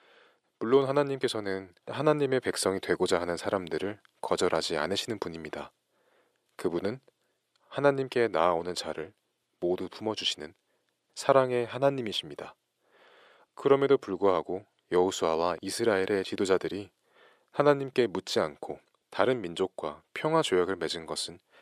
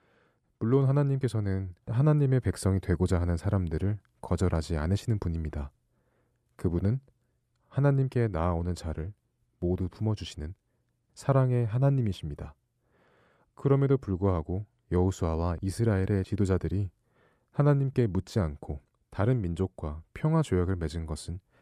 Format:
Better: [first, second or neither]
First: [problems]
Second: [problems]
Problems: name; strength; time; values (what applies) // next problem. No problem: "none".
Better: second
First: thin; very; fading below 450 Hz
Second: none